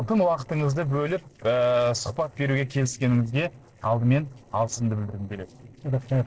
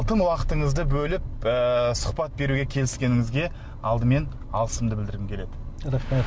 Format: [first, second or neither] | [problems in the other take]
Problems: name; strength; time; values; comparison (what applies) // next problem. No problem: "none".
second | noise reduction (neural separator model SepFormer DNS4)